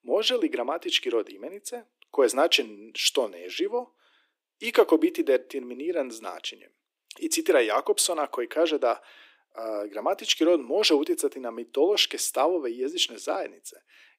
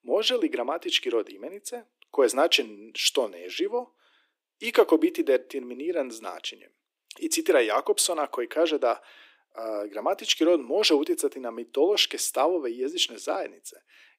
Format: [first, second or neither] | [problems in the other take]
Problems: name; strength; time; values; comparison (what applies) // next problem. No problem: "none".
neither | thin; very; fading below 300 Hz; the same in both